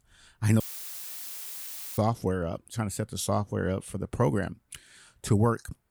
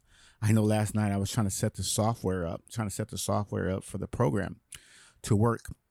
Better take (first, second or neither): second